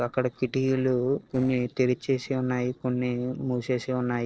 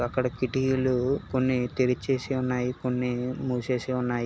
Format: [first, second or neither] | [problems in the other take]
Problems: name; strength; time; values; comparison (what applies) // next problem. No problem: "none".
second | noise reduction (neural separator model SepFormer DNS4)